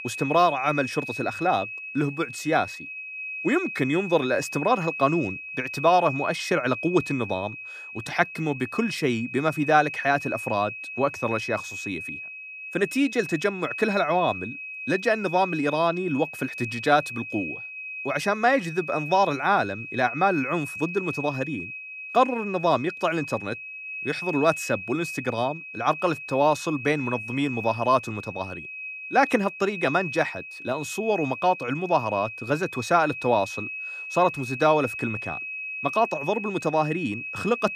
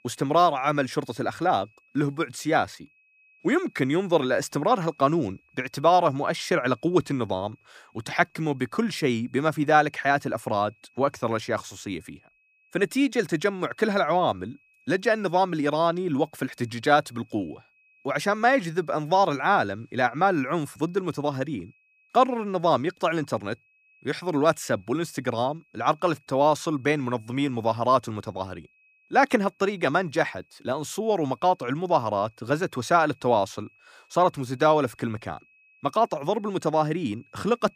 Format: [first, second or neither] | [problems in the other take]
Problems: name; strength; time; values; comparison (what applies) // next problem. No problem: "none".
second | high-pitched whine; loud; throughout; 2.5 kHz, 8 dB below the speech; faint in the second